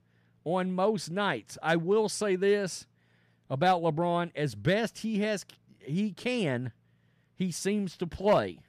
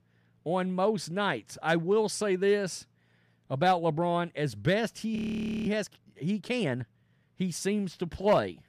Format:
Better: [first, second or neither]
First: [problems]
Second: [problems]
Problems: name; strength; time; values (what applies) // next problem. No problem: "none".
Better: first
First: none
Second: audio freezing; at 5 s for 0.5 s